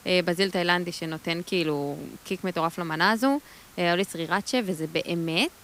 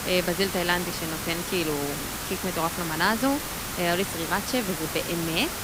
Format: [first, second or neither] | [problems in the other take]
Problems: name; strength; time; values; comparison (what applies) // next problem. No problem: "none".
first | hiss; loud; throughout; 3 dB below the speech; faint in the first